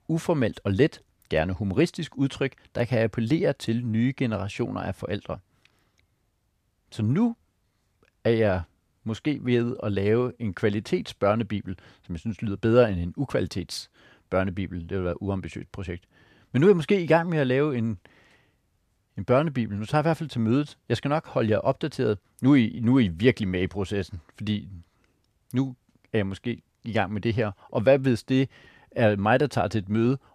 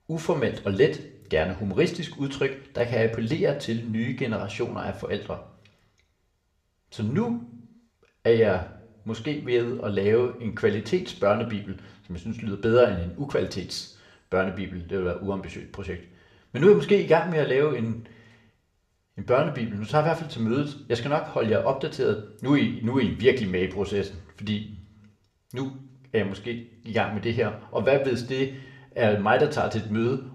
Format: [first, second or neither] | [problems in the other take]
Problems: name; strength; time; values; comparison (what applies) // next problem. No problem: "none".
first | room echo; very slight; dies away in 0.5 s